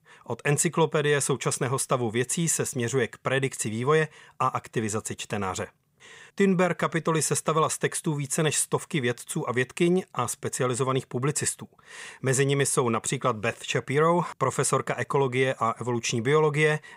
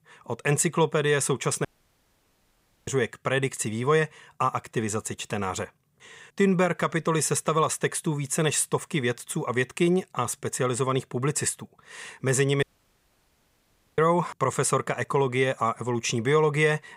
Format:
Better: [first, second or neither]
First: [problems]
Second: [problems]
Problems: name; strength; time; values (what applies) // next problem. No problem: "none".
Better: first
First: none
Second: audio cutting out; at 1.5 s for 1 s and at 13 s for 1.5 s